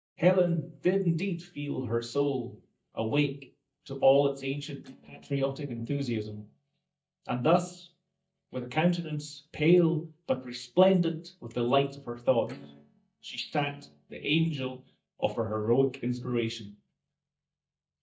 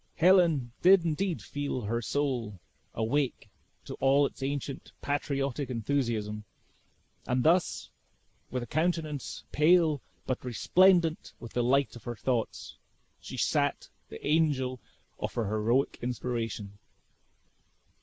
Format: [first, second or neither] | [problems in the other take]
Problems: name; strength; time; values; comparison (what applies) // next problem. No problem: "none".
second | noise reduction (neural mask model DeepFilterNet 3)